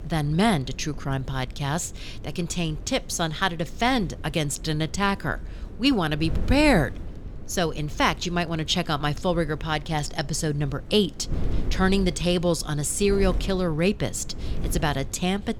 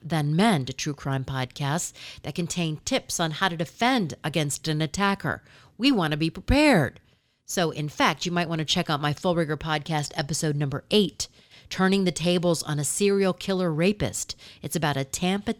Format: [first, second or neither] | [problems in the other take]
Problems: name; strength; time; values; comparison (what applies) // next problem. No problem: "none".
second | wind noise on the microphone; occasional gusts; 20 dB below the speech